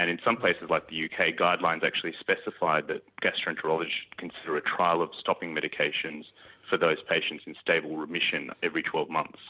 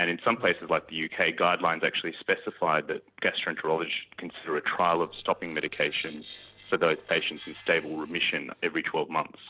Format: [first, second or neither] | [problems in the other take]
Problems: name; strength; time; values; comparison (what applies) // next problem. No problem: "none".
first | noise reduction (neural separator model SepFormer DNS4)